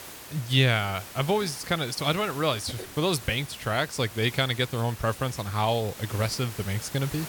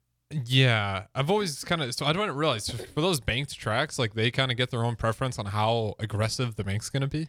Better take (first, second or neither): second